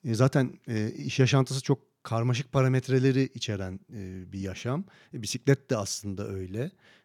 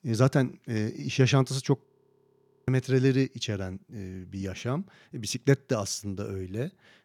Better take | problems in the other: first | audio freezing; at 2 s for 1 s

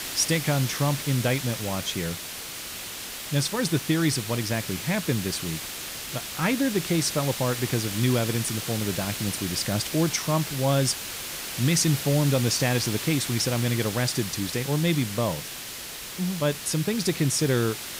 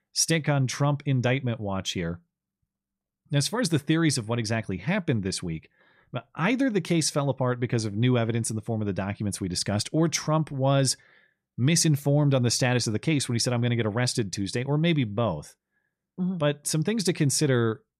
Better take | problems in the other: second | hiss; loud; throughout; 6 dB below the speech

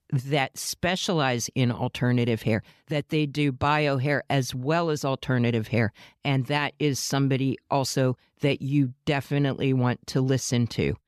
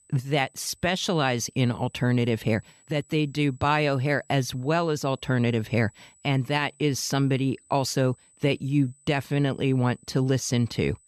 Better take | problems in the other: first | high-pitched whine; faint; throughout; 8 kHz, 30 dB below the speech

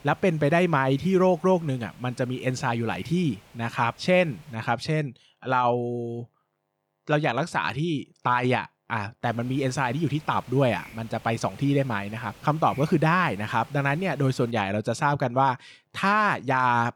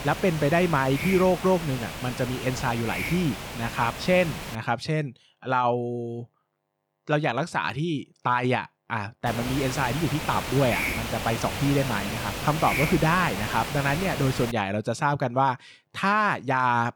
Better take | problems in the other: first | hiss; loud; until 4.5 s and from 9.5 to 15 s; 6 dB below the speech; faint in the first

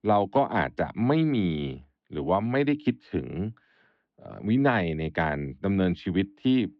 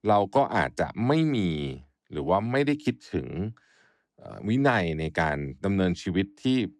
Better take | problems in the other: second | muffled; slightly; fading above 3.5 kHz

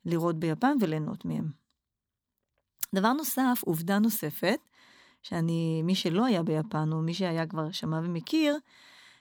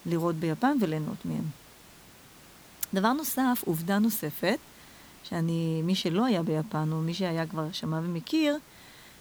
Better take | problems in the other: first | hiss; faint; throughout; 25 dB below the speech

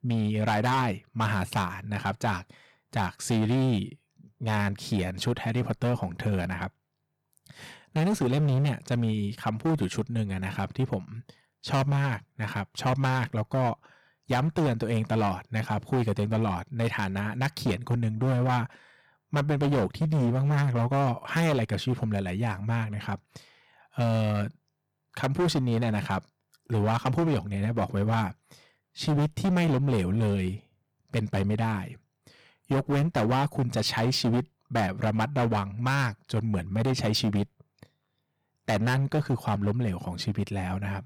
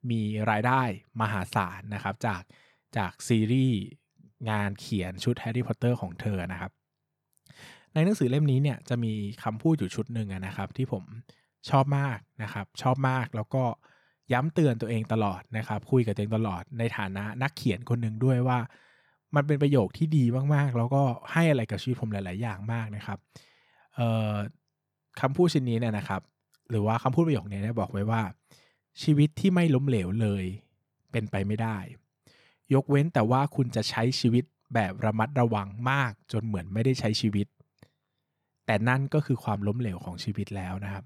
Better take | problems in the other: second | distortion; heavy; 13% of the sound clipped

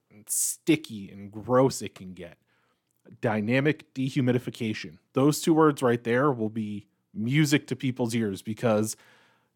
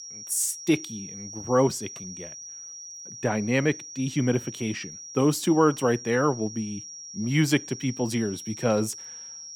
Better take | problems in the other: first | high-pitched whine; noticeable; throughout; 5.5 kHz, 10 dB below the speech

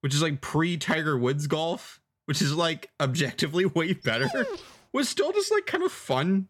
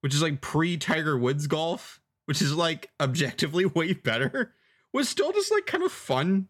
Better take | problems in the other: second | dog barking; noticeable; at 4 s; peak 7 dB below the speech

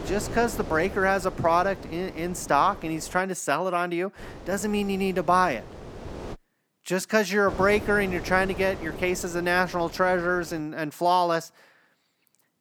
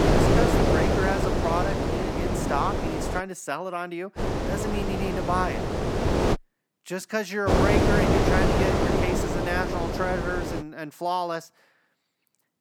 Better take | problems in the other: first | wind noise on the microphone; heavy; until 3 s, from 4 to 6.5 s and from 7.5 to 11 s; 2 dB above the speech; occasional gusts in the first

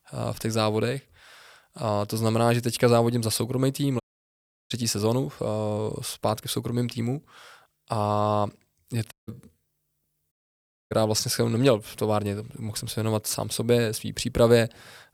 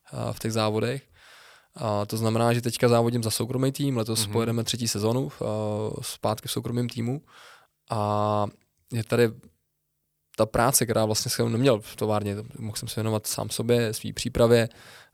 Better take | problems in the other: second | audio cutting out; at 4 s for 0.5 s, at 9 s and at 10 s for 0.5 s

